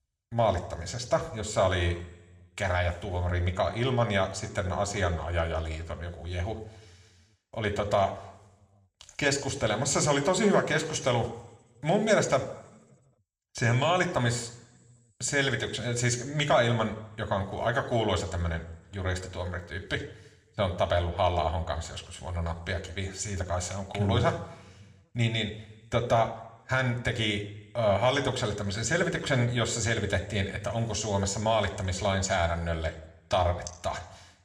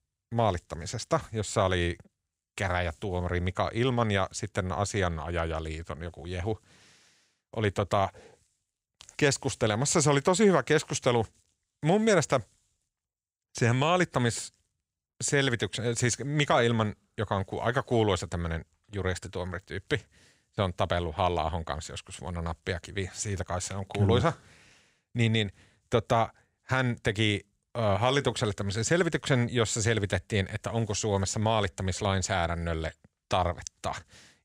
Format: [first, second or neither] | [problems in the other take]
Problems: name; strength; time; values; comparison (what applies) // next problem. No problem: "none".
second | room echo; very slight; dies away in 0.6 s